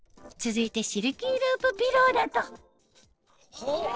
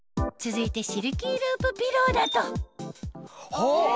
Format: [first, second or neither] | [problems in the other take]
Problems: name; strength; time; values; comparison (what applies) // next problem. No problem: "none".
second | noise reduction (neural separator model SepFormer DNS4)